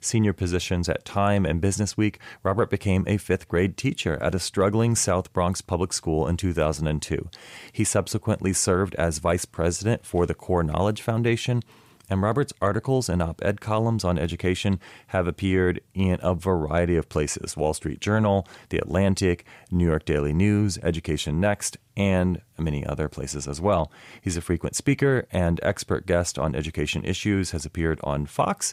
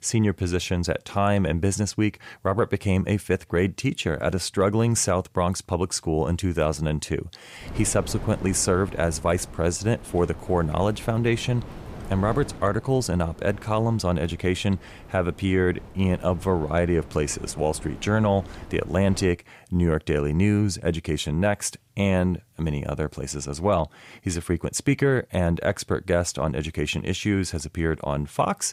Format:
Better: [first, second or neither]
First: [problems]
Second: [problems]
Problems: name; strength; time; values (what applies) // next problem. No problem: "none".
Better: first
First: none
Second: wind noise on the microphone; occasional gusts; from 7.5 to 19 s; 20 dB below the speech